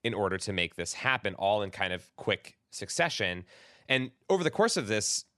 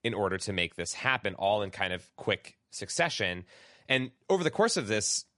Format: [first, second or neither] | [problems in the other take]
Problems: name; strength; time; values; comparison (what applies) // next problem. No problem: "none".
first | garbled, watery; slightly; nothing above 10.5 kHz